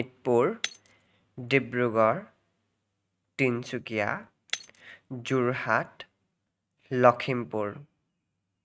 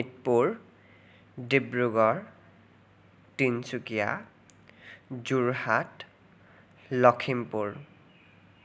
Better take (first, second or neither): second